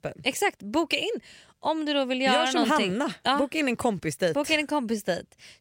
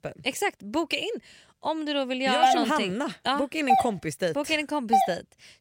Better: first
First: none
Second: doorbell; loud; from 2.5 to 5 s; peak 4 dB above the speech

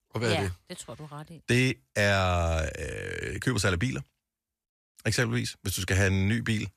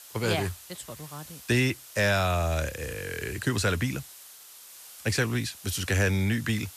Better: first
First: none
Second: hiss; noticeable; throughout; 15 dB below the speech

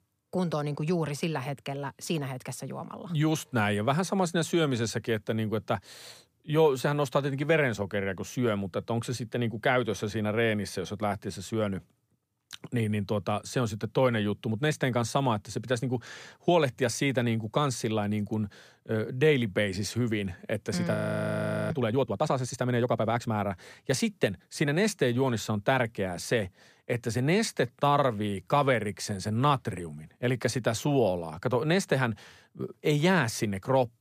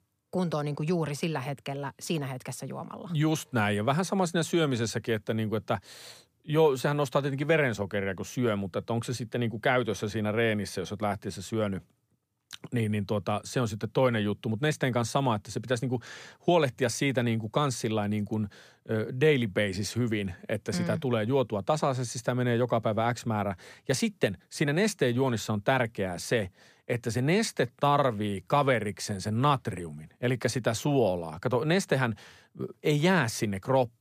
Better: second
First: audio freezing; at 21 s for 1 s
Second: none

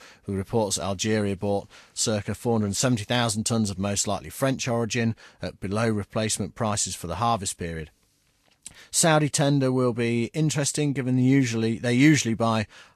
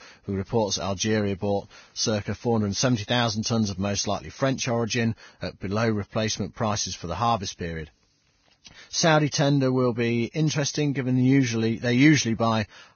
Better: first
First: garbled, watery; slightly; nothing above 12.5 kHz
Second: garbled, watery; badly; nothing above 6.5 kHz

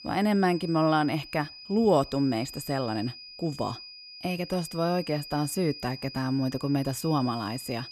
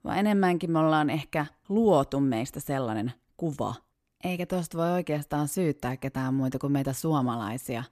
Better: second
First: high-pitched whine; noticeable; throughout; 5 kHz, 15 dB below the speech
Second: none

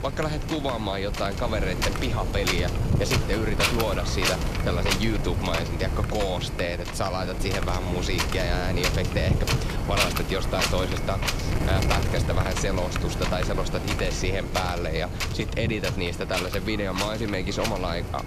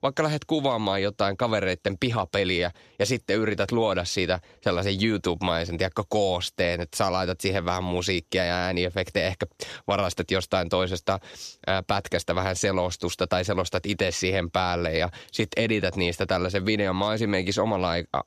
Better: second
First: wind noise on the microphone; heavy; 1 dB below the speech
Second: none

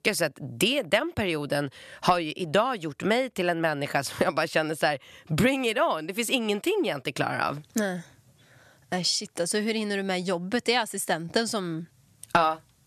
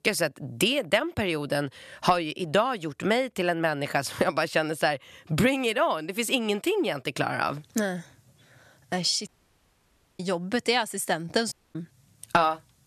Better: first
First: none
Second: audio cutting out; at 9.5 s for 1 s and at 12 s

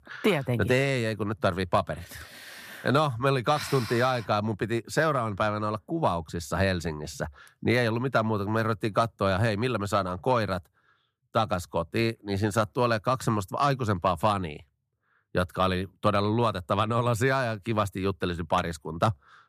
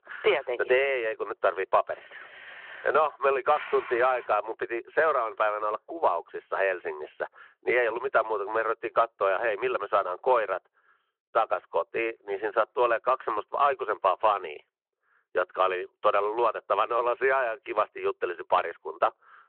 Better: first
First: none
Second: phone-call audio

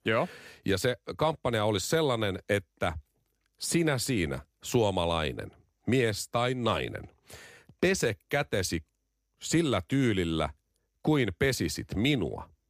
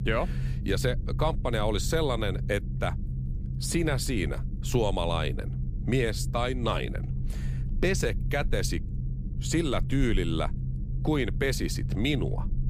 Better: first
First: none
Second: low rumble; noticeable; throughout; 15 dB below the speech

